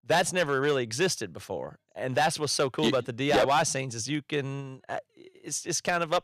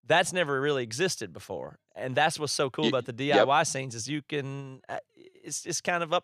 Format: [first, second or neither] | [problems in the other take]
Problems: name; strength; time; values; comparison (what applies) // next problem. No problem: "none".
second | distortion; slight; 4% of the sound clipped